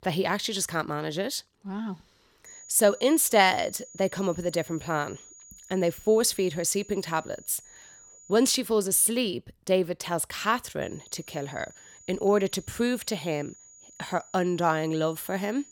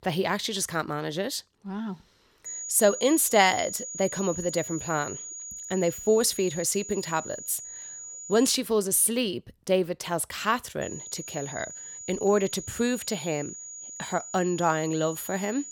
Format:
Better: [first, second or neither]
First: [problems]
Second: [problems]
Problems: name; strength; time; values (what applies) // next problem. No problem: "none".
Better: first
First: high-pitched whine; faint; from 2.5 to 8.5 s and from 11 s on; 7 kHz, 20 dB below the speech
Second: high-pitched whine; loud; from 2.5 to 8.5 s and from 11 s on; 7 kHz, 10 dB below the speech